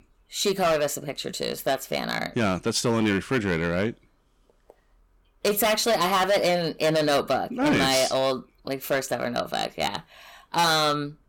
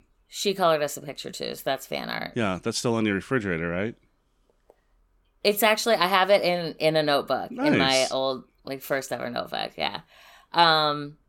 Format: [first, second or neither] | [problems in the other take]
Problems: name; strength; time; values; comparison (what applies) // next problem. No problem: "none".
second | distortion; heavy; 9% of the sound clipped